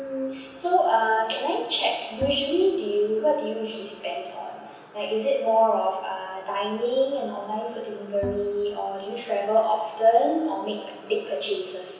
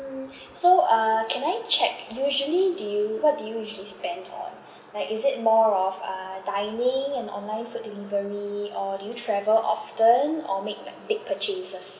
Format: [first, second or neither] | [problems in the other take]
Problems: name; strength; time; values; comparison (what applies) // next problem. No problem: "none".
second | background sound (Bowed string instrument); 14 dB below the speech // room echo; dies away in 0.9 s